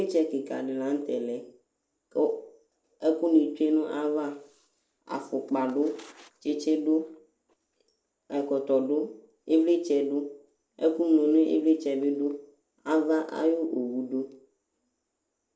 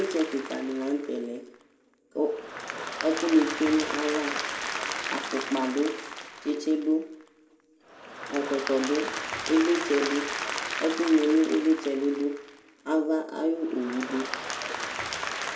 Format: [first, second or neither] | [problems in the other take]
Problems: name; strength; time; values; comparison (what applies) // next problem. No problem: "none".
first | background sound (Applause / Crowd); 7 dB below the speech // room echo; dies away in 0.3 s